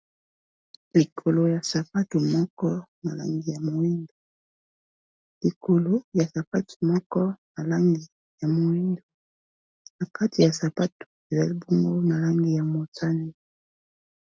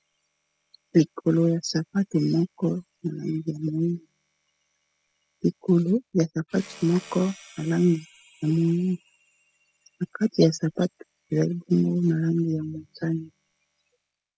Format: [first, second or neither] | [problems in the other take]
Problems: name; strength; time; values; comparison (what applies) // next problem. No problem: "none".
first | noise reduction (classical method spectral subtraction)